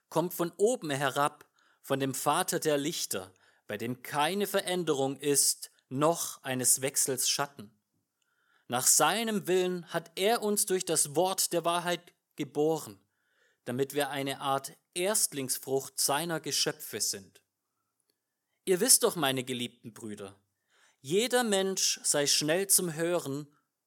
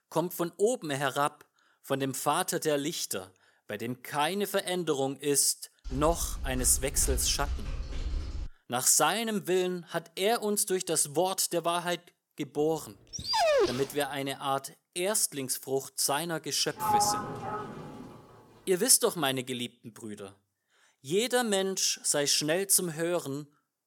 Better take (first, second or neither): first